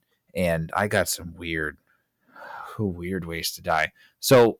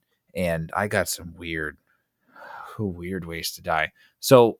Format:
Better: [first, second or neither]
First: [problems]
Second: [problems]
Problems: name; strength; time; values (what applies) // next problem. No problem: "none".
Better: second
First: distortion; slight; 1.1% of the sound clipped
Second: none